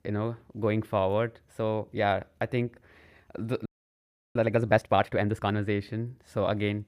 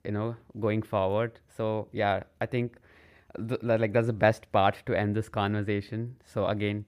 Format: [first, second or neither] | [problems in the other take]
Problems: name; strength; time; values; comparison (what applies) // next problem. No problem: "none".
second | audio freezing; at 3.5 s for 0.5 s